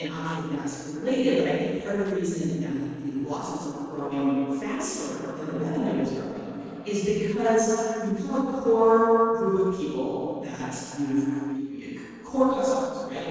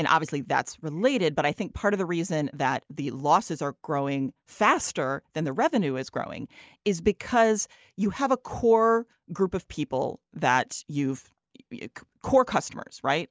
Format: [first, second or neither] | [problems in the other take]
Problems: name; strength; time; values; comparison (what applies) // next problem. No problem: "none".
second | noise reduction (neural separator model SepFormer DNS4)